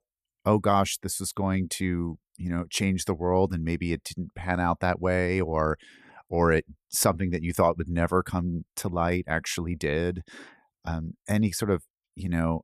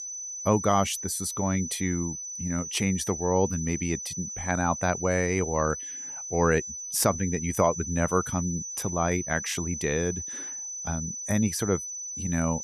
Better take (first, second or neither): first